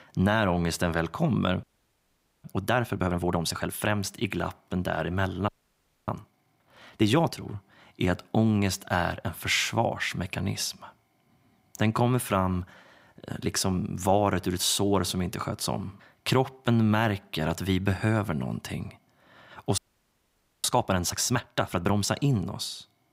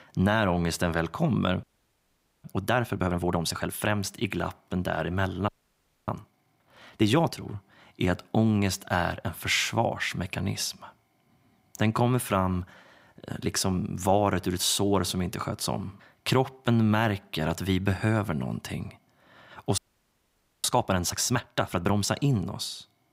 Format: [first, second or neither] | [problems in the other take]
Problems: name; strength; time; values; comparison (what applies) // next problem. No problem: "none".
neither | audio freezing; at 1.5 s for 1 s, at 5.5 s for 0.5 s and at 20 s for 1 s; the same in both